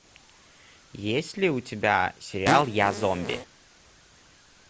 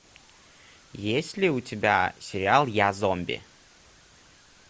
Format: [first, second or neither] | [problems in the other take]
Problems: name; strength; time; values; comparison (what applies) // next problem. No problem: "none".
second | background sound (Fart); 2 dB below the speech